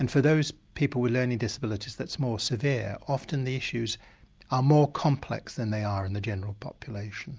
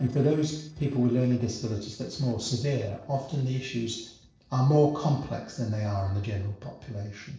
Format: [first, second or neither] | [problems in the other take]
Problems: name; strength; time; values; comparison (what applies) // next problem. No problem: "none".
first | noise reduction (neural separator model SepFormer DNS4)